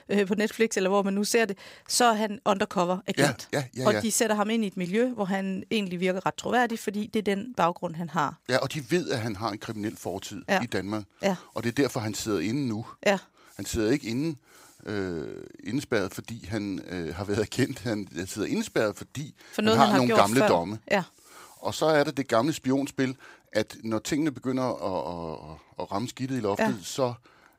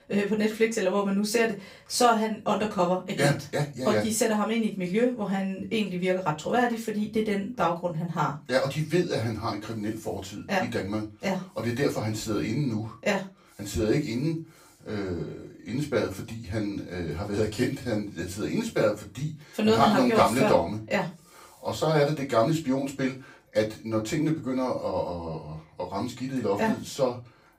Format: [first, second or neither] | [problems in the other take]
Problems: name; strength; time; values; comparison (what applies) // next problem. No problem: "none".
first | off-mic speech; far // room echo; very slight; dies away in 0.2 s